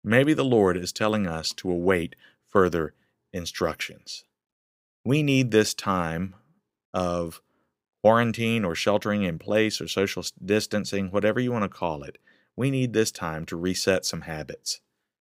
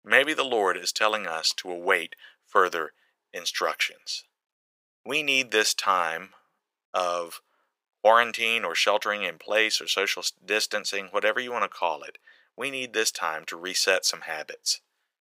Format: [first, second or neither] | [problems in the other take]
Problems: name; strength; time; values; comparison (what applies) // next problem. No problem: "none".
first | thin; very; fading below 750 Hz